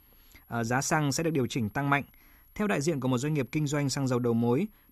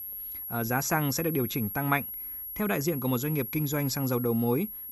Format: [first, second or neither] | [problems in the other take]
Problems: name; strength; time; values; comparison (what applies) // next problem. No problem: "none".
first | high-pitched whine; loud; throughout; 11.5 kHz, 6 dB below the speech; faint in the first